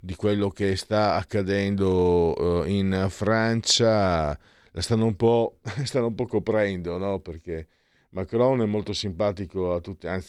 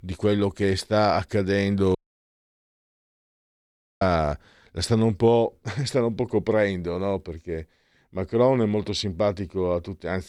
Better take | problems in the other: first | audio cutting out; at 2 s for 2 s

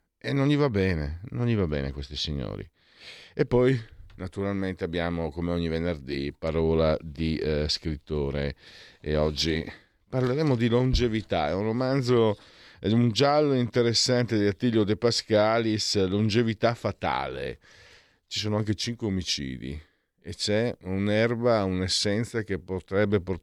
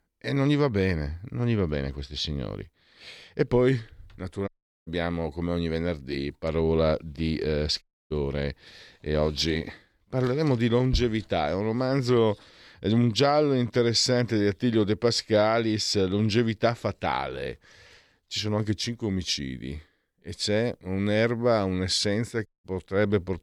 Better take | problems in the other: first | audio cutting out; at 4.5 s, at 8 s and at 22 s

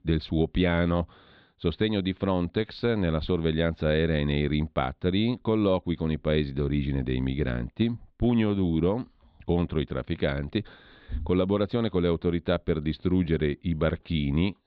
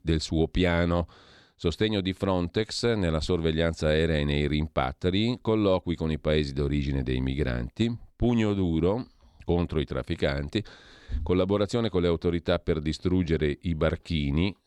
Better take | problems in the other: second | muffled; slightly; fading above 3.5 kHz

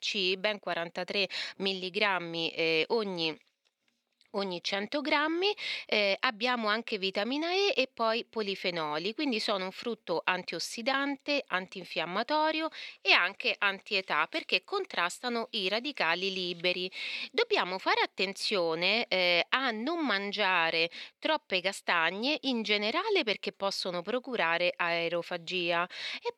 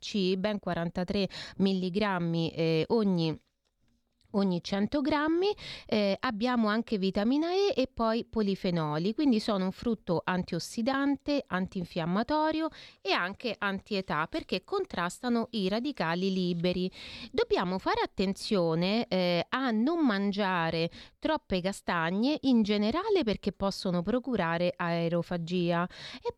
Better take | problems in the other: second | thin; somewhat; fading below 400 Hz

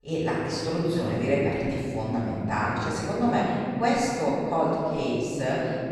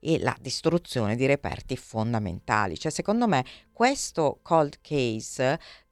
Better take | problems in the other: second | off-mic speech; far // room echo; strong; dies away in 3 s

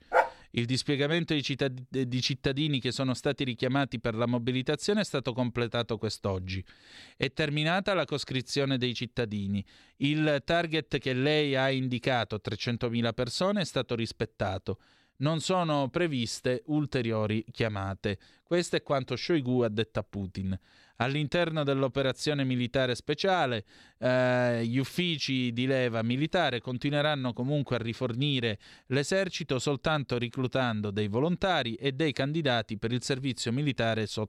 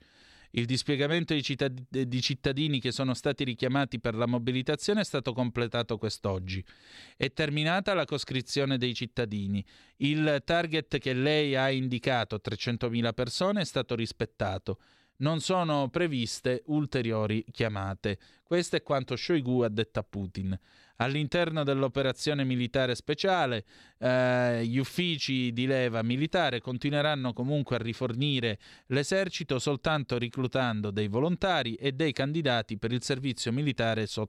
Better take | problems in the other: second | dog barking; loud; at the start; peak 2 dB above the speech

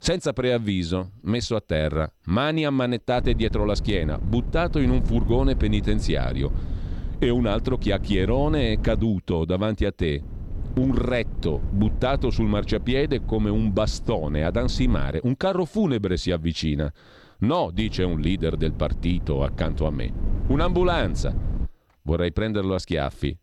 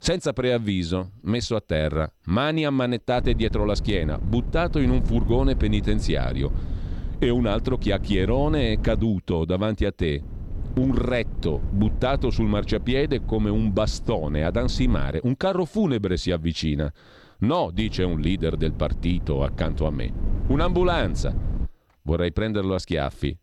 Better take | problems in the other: neither | wind noise on the microphone; occasional gusts; from 3 to 9 s, from 10 to 15 s and from 18 to 22 s; 15 dB below the speech; the same in both

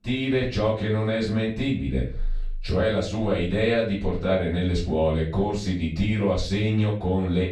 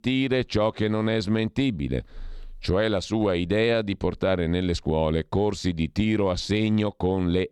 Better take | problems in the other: second | off-mic speech; far // room echo; slight; dies away in 0.4 s

